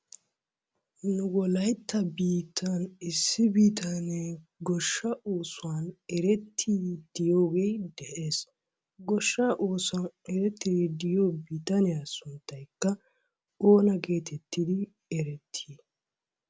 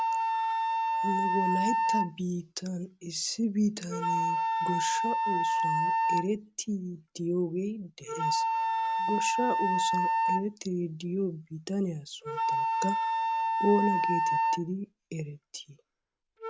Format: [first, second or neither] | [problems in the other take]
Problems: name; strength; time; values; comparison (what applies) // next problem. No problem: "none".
first | background sound (Wind instrument, woodwind instrument); 3 dB above the speech